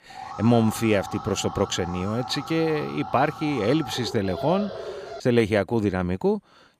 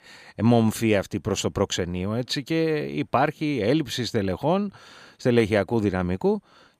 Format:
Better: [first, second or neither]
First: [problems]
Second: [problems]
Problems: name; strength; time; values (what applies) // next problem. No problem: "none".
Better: second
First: alarm; noticeable; until 5 s; peak 8 dB below the speech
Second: none